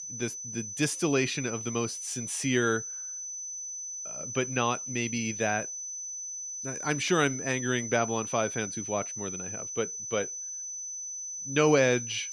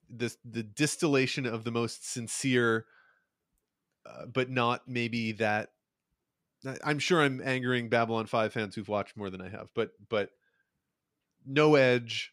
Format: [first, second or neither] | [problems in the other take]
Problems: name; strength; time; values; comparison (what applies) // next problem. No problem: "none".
second | high-pitched whine; loud; throughout; 6 kHz, 6 dB below the speech